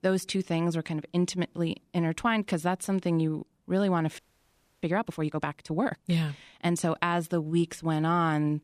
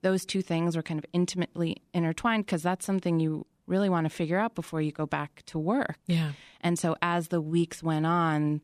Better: second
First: audio freezing; at 4 s for 0.5 s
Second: none

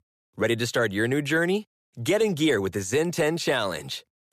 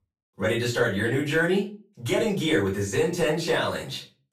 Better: first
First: none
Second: off-mic speech; far // room echo; slight; dies away in 0.3 s

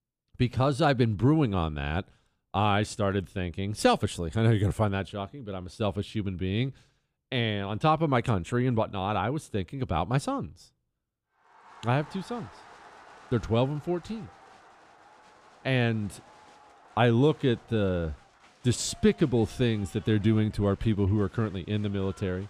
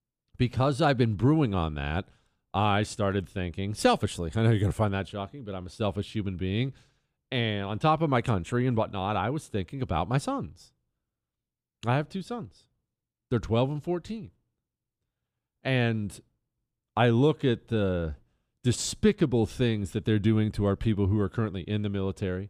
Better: second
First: crowd noise; faint; from 12 s on; 25 dB below the speech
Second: none

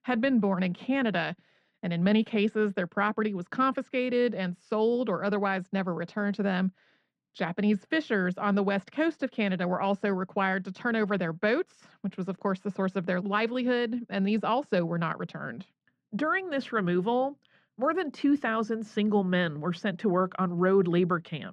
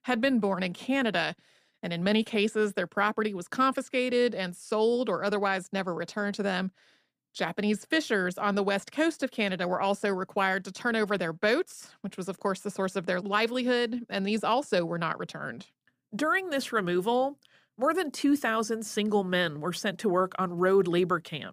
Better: second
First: muffled; slightly; fading above 3 kHz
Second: none

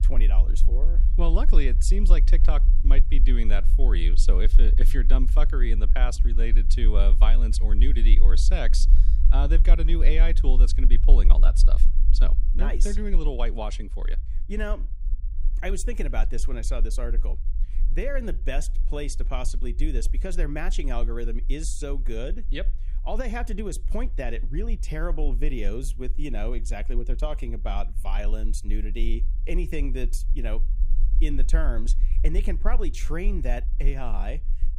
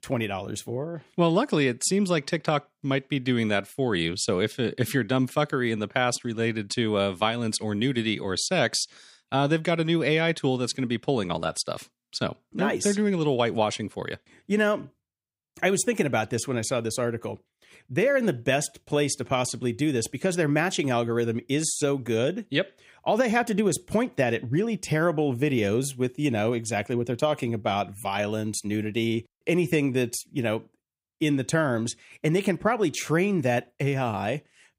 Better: second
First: low rumble; noticeable; throughout; 15 dB below the speech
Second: none

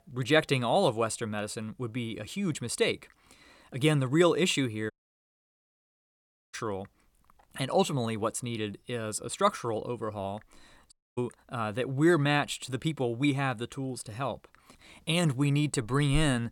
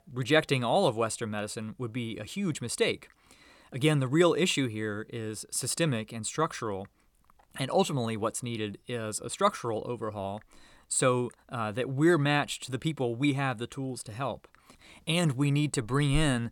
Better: second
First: audio cutting out; at 5 s for 1.5 s and at 11 s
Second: none

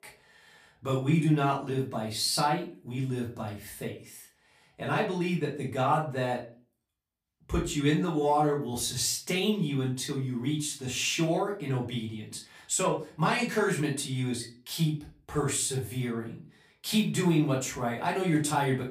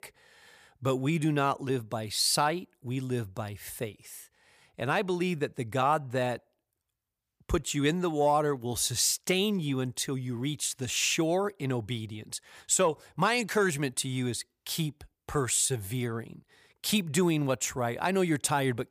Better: second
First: off-mic speech; far // room echo; slight; dies away in 0.3 s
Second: none

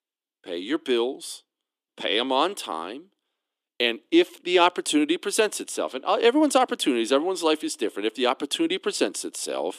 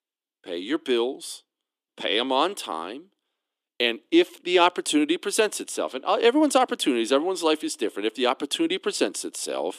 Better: neither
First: thin; somewhat; fading below 300 Hz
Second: thin; somewhat; fading below 300 Hz

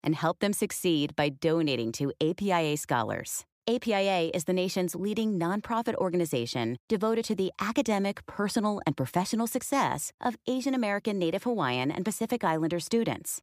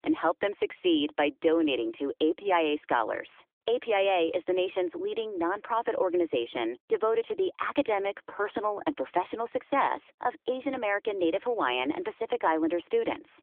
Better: first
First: none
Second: phone-call audio; nothing above 3.5 kHz

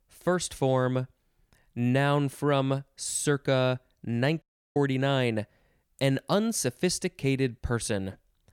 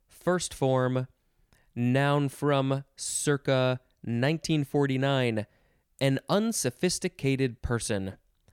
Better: second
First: audio cutting out; at 4.5 s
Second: none

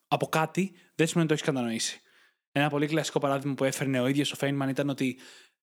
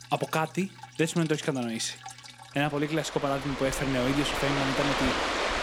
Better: first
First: none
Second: rain or running water; loud; throughout; 2 dB below the speech

